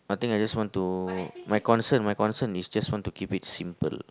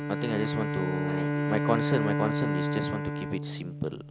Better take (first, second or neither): first